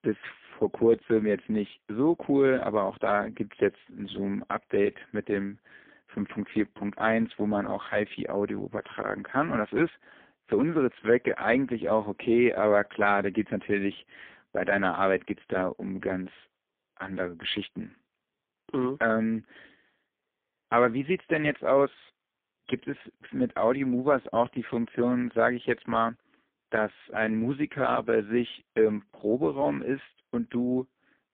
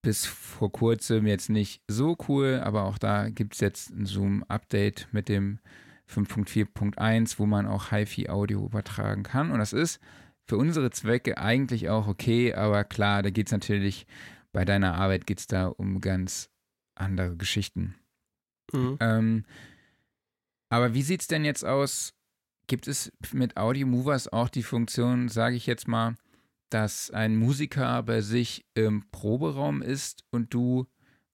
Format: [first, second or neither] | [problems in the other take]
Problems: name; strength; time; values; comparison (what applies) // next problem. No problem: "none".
second | phone-call audio; poor line